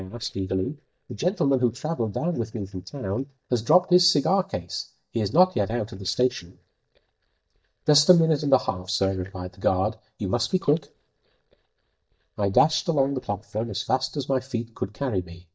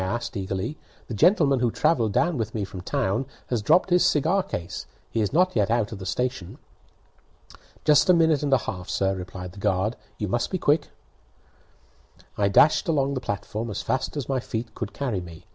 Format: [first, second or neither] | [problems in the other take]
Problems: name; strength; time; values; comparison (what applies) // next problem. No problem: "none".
second | noise reduction (neural mask model DeepFilterNet 3)